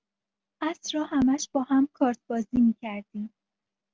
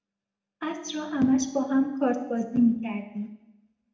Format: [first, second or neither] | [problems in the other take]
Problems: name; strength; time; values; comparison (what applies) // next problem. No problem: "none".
first | room echo; dies away in 0.8 s